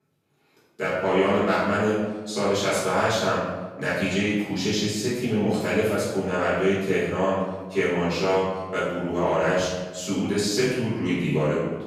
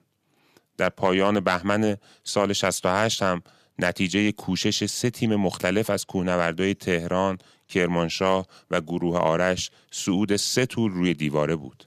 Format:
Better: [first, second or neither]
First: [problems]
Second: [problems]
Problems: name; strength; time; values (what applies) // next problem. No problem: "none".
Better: second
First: room echo; strong; dies away in 1 s // off-mic speech; far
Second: none